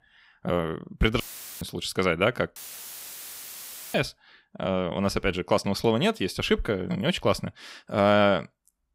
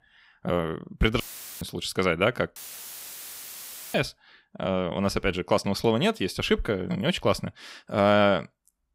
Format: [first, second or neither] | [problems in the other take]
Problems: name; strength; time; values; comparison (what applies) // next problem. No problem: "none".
neither | audio cutting out; filled with static; at 1 s and at 2.5 s for 1.5 s; the same in both